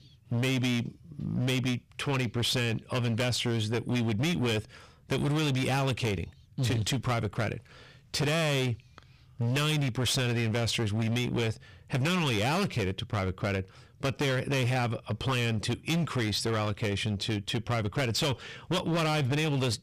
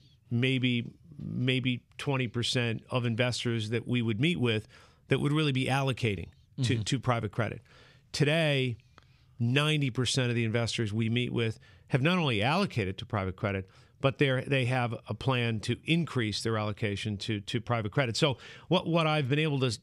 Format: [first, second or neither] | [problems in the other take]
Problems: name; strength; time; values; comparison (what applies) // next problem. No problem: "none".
second | distortion; heavy; 22% of the sound clipped